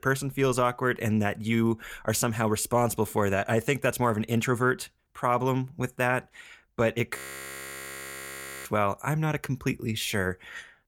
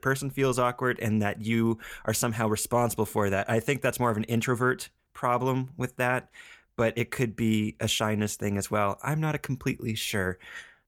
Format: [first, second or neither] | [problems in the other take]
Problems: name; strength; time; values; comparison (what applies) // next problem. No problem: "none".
second | audio freezing; at 7 s for 1.5 s